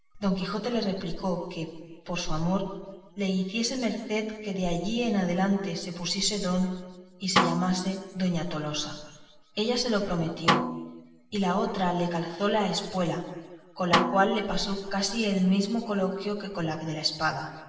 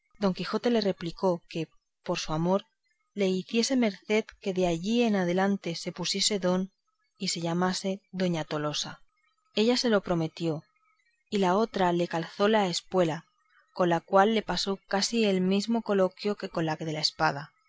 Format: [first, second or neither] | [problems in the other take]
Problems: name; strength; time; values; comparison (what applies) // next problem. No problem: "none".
second | background sound (Snare drum); 3 dB below the speech // room echo; dies away in 1.3 s